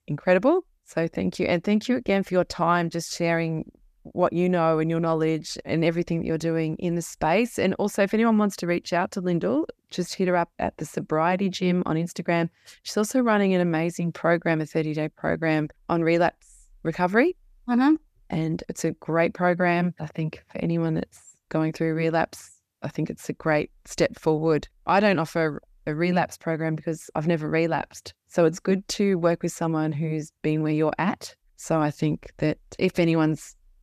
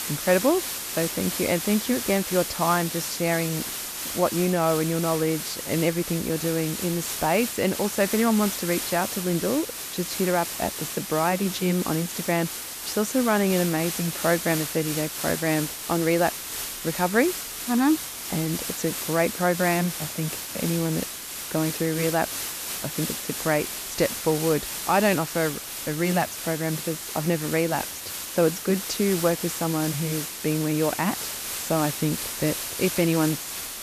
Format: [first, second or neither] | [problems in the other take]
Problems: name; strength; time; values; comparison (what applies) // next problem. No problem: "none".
first | hiss; loud; throughout; 5 dB below the speech